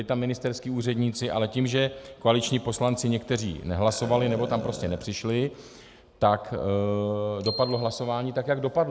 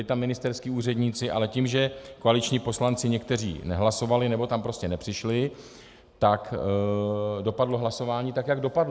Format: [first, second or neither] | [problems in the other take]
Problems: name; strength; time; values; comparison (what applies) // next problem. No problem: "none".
second | background sound (Bicycle bell + Burping, eructation); 13 dB below the speech